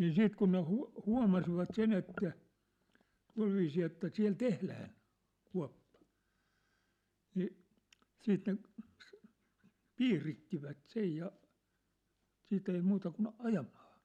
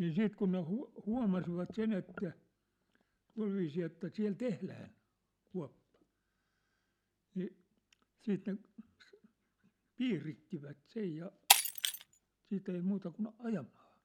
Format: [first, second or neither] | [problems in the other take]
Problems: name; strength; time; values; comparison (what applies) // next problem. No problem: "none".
first | background sound (Shatter); 5 dB above the speech